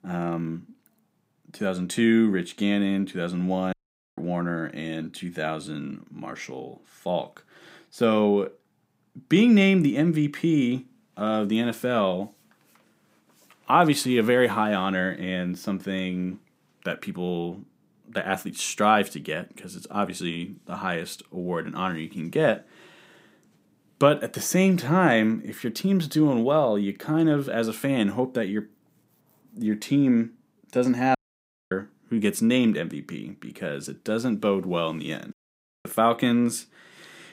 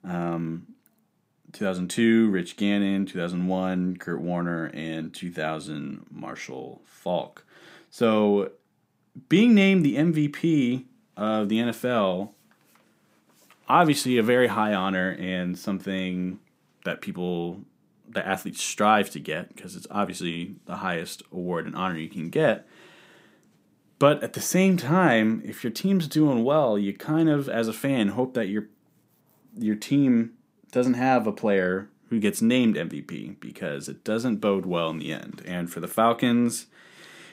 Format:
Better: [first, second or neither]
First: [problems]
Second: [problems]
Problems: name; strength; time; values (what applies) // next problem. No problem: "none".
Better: second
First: audio cutting out; at 3.5 s, at 31 s for 0.5 s and at 35 s for 0.5 s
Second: none